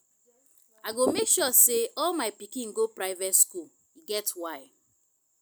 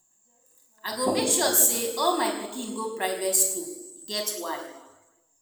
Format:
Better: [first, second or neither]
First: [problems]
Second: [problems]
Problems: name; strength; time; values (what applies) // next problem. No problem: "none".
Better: first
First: none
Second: room echo; dies away in 1 s